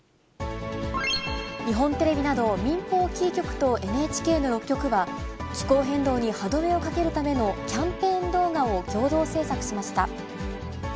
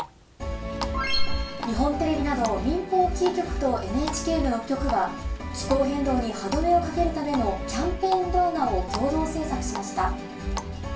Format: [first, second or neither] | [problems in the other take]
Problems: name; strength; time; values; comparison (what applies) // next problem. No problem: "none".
first | background sound (Water tap, faucet); 16 dB below the speech // room echo; dies away in 0.2 s